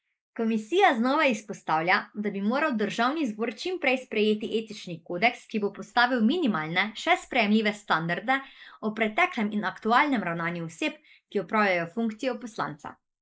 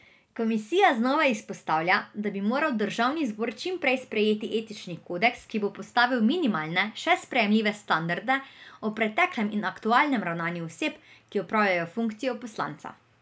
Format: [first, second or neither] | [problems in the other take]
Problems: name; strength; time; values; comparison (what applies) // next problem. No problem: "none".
second | noise reduction (neural mask model Resemble Enhance denoiser)